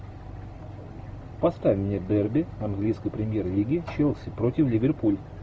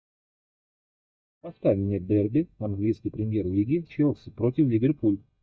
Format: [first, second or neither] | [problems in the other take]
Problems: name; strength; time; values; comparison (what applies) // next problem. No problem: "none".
first | noise reduction (neural mask model DeepFilterNet 3)